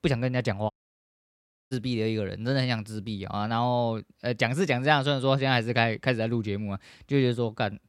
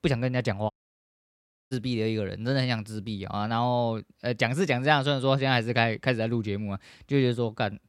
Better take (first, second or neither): neither